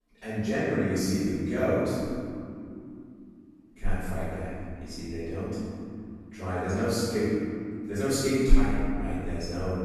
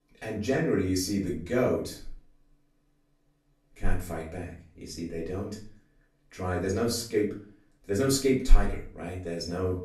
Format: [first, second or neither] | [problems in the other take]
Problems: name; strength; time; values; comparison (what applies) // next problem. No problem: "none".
second | room echo; strong; dies away in 2.7 s; slight in the second // off-mic speech; far; far in the second